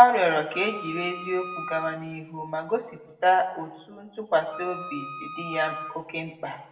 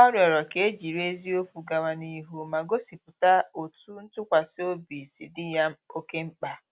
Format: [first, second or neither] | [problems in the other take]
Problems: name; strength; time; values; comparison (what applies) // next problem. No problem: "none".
second | background sound (Wind instrument, woodwind instrument); 12 dB below the speech // room echo; dies away in 0.8 s